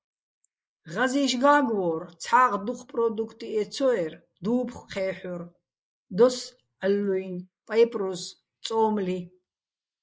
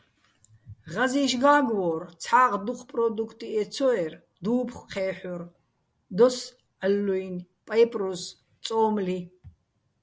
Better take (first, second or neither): second